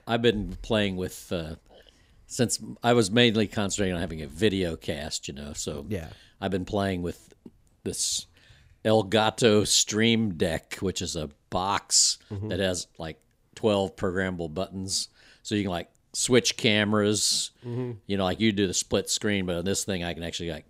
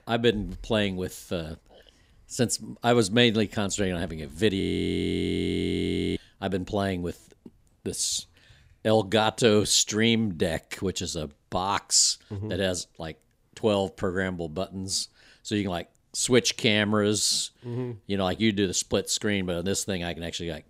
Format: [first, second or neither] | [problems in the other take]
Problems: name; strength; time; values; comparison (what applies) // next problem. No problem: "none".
first | audio freezing; at 4.5 s for 1.5 s